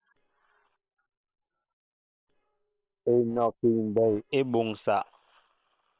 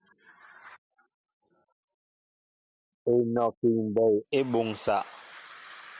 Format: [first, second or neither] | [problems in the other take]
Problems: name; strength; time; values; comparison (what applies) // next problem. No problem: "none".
second | noise reduction (neural separator model SepFormer WHAM!)